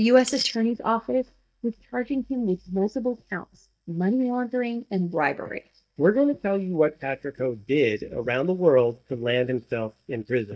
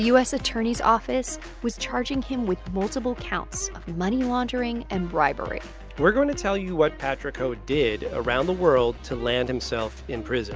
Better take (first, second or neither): second